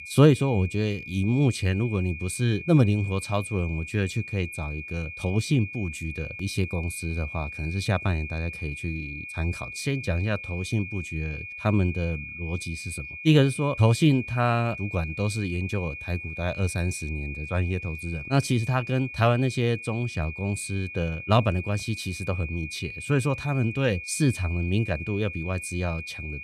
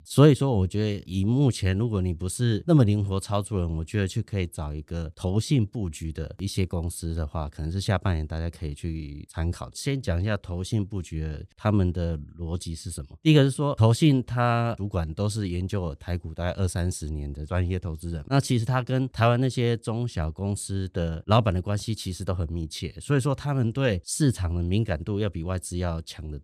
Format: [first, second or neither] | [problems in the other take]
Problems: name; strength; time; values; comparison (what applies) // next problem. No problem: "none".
second | high-pitched whine; loud; throughout; 2.5 kHz, 10 dB below the speech